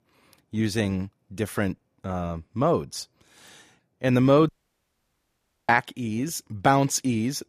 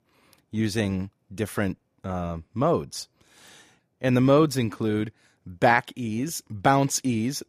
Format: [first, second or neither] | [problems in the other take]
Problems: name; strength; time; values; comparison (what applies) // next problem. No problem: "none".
second | audio cutting out; at 4.5 s for 1 s